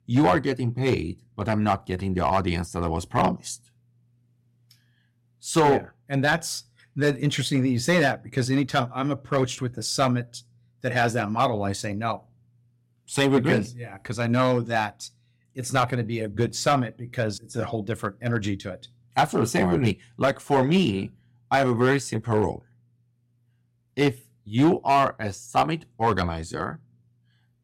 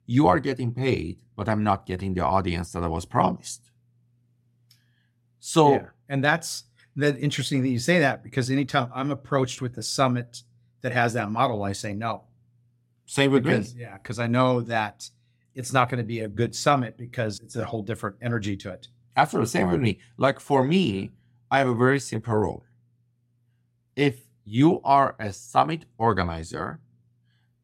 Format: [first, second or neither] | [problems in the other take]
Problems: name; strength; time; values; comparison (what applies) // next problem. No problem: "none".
second | distortion; slight; 2% of the sound clipped